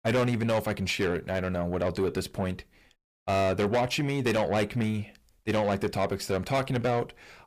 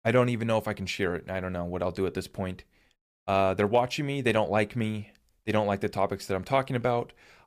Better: second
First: distortion; heavy; 7 dB below the speech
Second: none

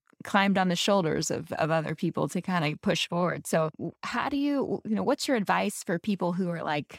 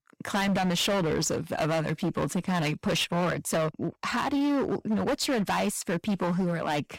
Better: first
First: none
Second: distortion; heavy; 22% of the sound clipped

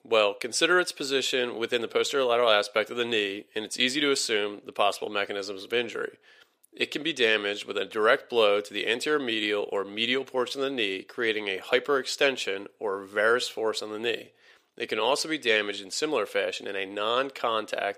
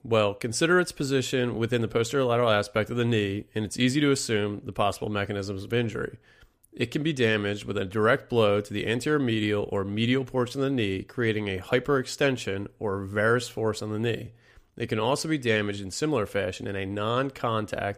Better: second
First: thin; somewhat; fading below 450 Hz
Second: none

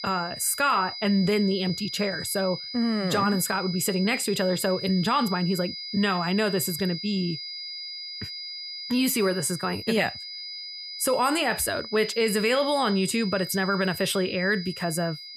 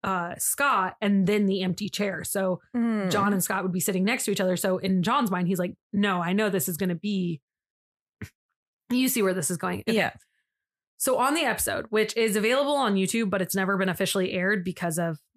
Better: second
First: high-pitched whine; loud; throughout; 5 kHz, 9 dB below the speech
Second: none

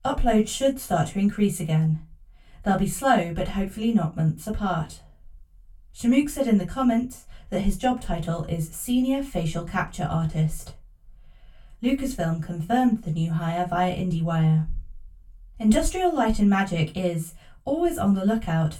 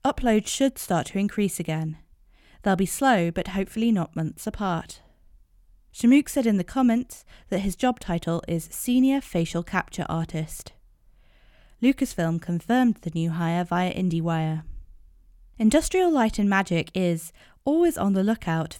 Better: second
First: off-mic speech; far // room echo; very slight; dies away in 0.2 s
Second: none

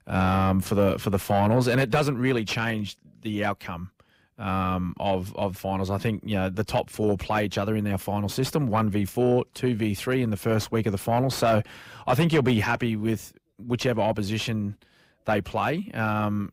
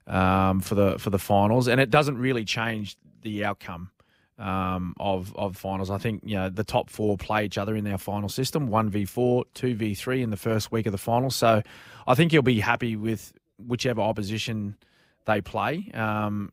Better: second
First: distortion; slight; 10 dB below the speech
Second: none

